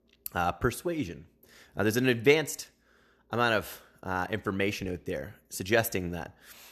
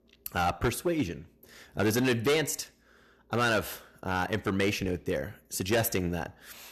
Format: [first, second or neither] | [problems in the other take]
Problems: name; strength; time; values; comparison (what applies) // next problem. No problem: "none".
first | distortion; heavy; 6% of the sound clipped